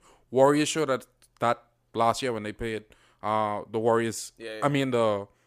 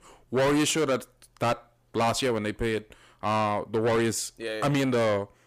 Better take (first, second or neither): first